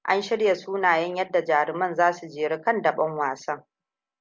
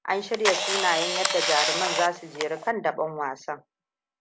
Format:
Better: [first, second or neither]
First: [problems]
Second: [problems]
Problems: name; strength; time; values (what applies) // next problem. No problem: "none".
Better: first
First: none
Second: background sound (Camera); as loud as the speech